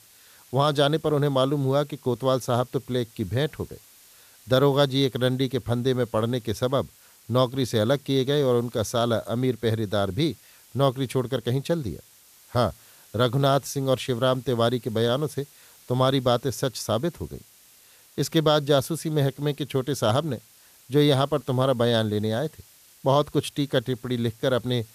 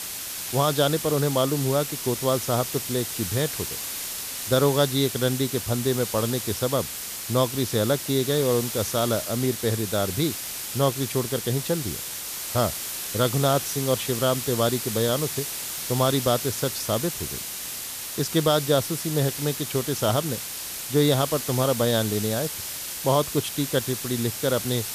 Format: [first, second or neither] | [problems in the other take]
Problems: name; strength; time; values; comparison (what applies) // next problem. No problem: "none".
first | hiss; loud; throughout; 5 dB below the speech; faint in the first